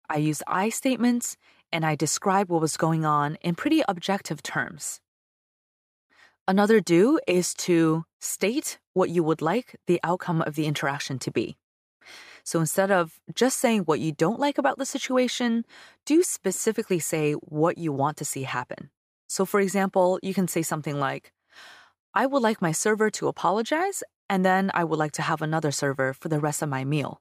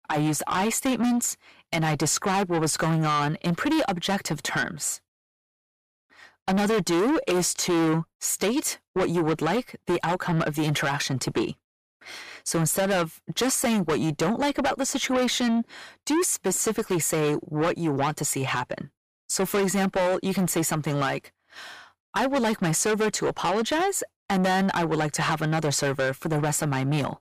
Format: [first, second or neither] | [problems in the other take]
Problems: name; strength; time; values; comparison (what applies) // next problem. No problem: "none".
first | distortion; heavy; 6 dB below the speech